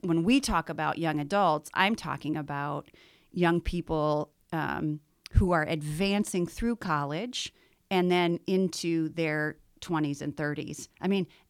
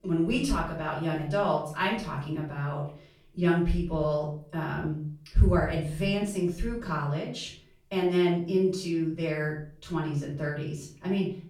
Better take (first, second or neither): first